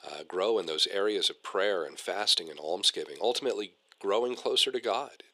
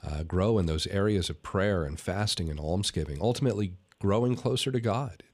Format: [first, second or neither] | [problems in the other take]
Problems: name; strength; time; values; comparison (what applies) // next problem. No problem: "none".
second | thin; very; fading below 350 Hz